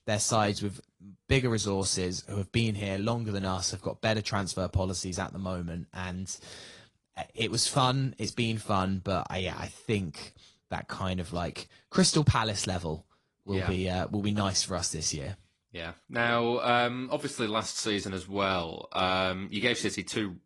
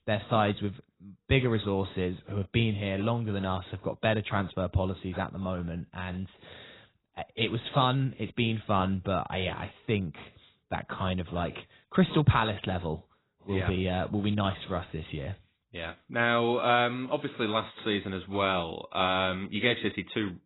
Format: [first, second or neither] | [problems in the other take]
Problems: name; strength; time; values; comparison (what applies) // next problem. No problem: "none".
first | garbled, watery; badly; nothing above 4 kHz; slightly in the first